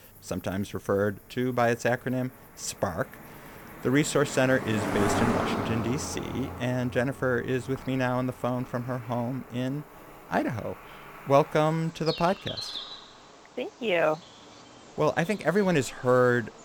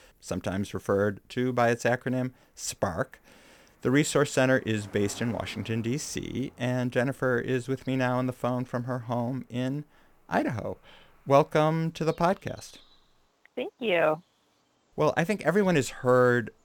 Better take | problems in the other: second | animal sounds; loud; throughout; 8 dB below the speech; faint in the second

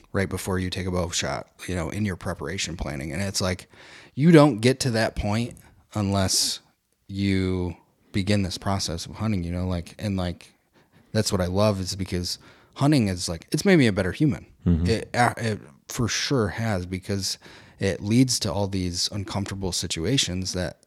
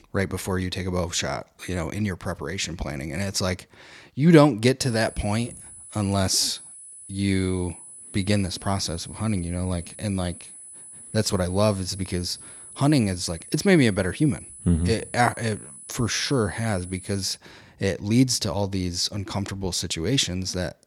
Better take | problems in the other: first | high-pitched whine; noticeable; from 5 to 17 s; 10 kHz, 15 dB below the speech

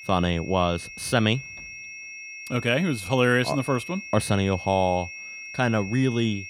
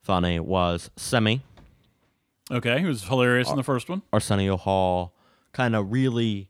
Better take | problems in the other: second | high-pitched whine; noticeable; throughout; 2.5 kHz, 10 dB below the speech

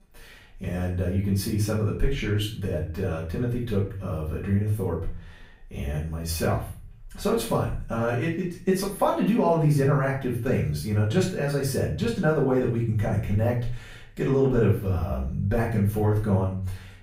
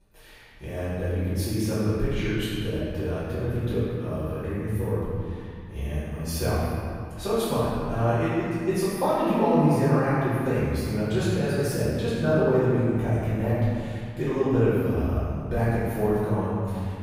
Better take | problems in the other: first | room echo; strong; dies away in 2.2 s; slight in the first // off-mic speech; far; far in the first

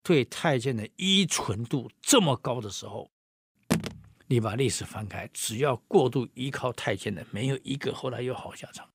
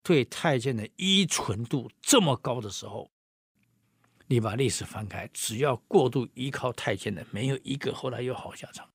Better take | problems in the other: second | phone ringing; noticeable; at 3.5 s; peak 2 dB below the speech

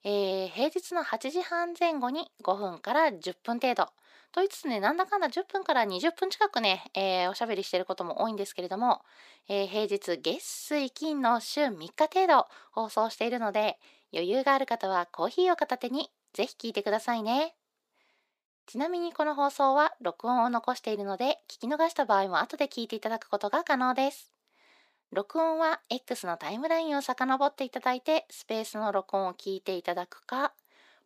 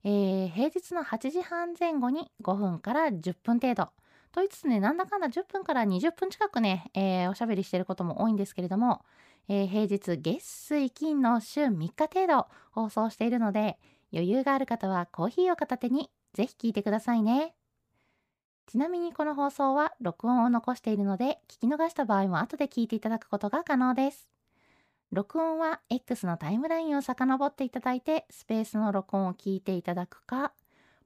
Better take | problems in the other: second | thin; somewhat; fading below 350 Hz

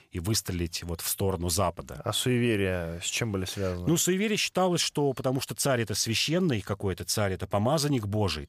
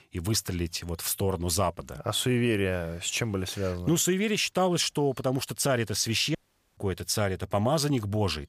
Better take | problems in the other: first | audio cutting out; at 6.5 s

